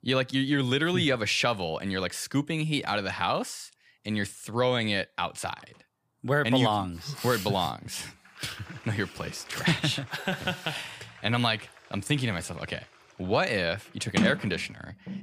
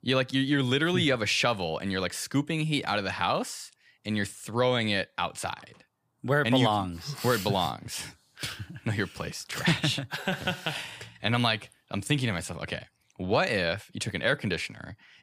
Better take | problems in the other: second | household noises; loud; from 7 s on; 8 dB below the speech

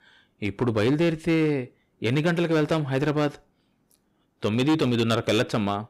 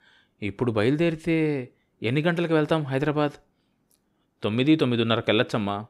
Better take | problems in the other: second | distortion; slight; 8% of the sound clipped

